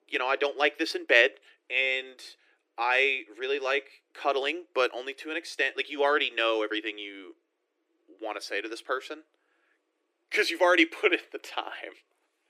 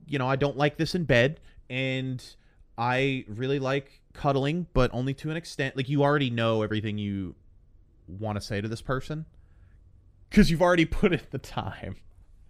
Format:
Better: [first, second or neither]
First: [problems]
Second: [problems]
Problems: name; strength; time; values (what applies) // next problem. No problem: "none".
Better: second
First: thin; very; fading below 300 Hz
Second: none